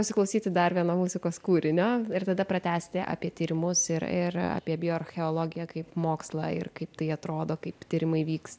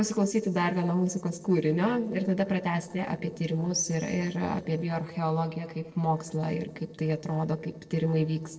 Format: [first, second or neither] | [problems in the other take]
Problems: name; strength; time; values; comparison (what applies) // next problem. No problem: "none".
first | noise reduction (neural separator model SepFormer DNS4)